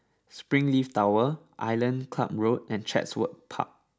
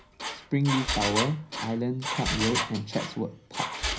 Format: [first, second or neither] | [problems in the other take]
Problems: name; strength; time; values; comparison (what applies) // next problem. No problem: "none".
first | background sound (Engine); 3 dB below the speech // room echo; dies away in 0.4 s